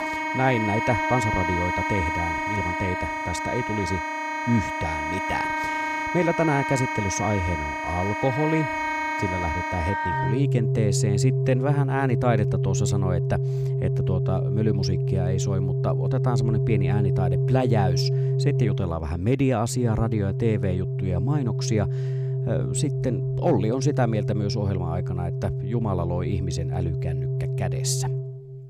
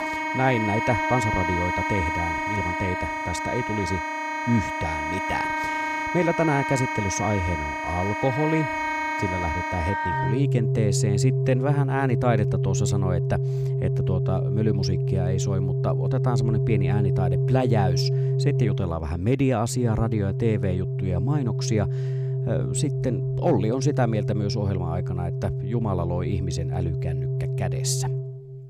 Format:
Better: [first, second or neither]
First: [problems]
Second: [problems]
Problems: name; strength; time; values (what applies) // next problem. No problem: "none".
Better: neither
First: background music; very loud; throughout; 1 dB above the speech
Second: background music; very loud; throughout; 1 dB above the speech